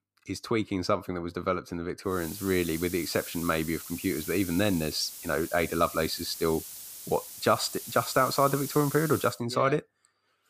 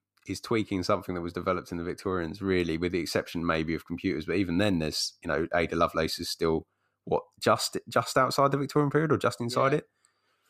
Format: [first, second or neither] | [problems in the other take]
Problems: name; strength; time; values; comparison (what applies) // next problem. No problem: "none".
second | hiss; loud; from 2 to 9.5 s; 10 dB below the speech